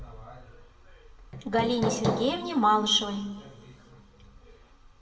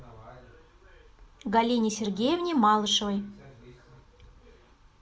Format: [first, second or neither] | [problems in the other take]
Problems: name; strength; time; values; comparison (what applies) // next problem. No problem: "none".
second | background sound (Hammer); 1 dB below the speech // room echo; dies away in 1 s